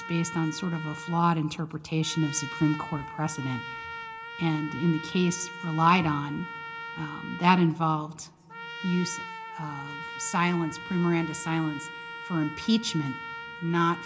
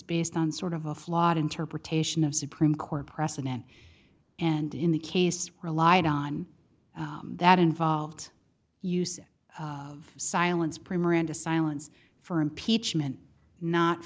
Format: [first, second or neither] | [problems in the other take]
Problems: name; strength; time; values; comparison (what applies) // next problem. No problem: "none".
second | background sound (Trumpet); 11 dB below the speech // room echo; dies away in 0.3 s